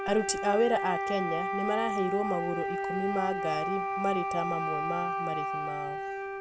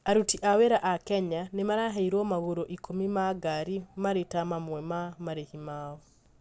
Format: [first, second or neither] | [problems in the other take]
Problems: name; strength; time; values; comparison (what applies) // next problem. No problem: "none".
second | background sound (Wind instrument, woodwind instrument); as loud as the speech